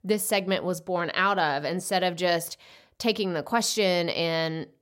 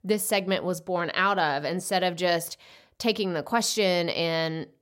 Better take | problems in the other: neither | none

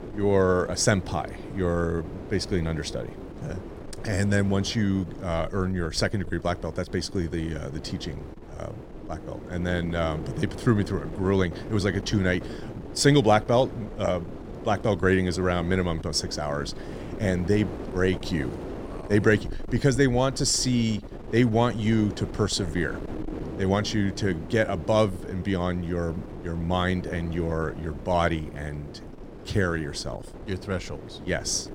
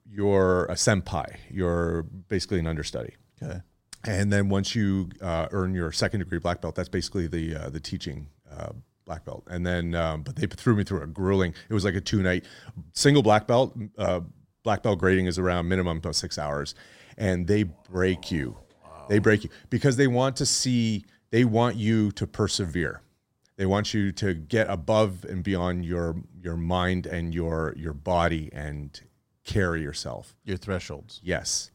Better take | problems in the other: second | wind noise on the microphone; occasional gusts; 15 dB below the speech

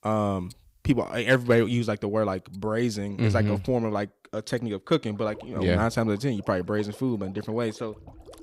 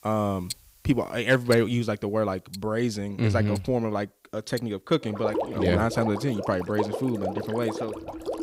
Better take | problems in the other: first | household noises; loud; throughout; 7 dB below the speech; faint in the first

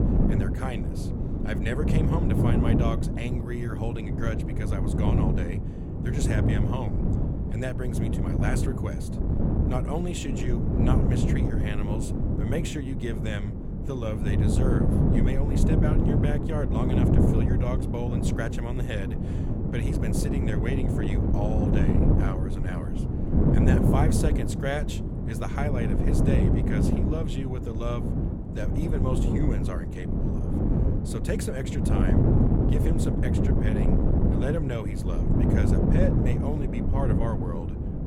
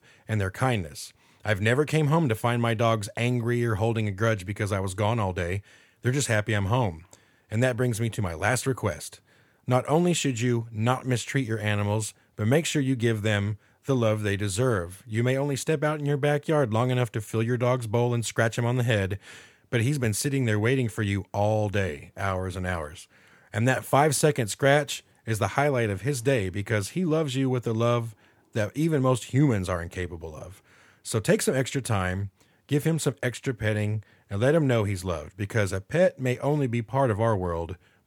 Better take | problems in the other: second | wind noise on the microphone; heavy; 2 dB above the speech

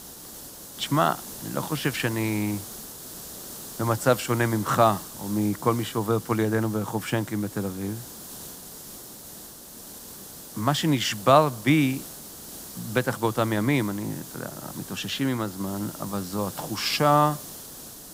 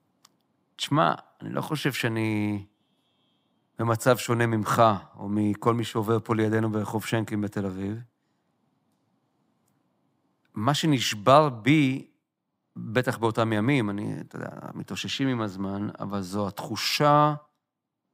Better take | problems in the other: second | hiss; noticeable; throughout; 15 dB below the speech

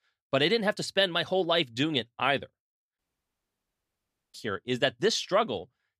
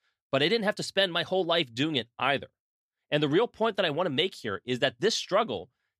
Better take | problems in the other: second | audio cutting out; at 3 s for 1.5 s

